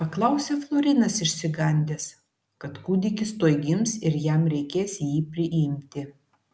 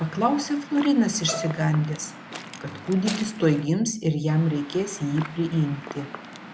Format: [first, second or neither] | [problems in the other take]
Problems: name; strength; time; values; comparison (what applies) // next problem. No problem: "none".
first | background sound (Waves, surf / Wind + Bowed string instrument); 13 dB below the speech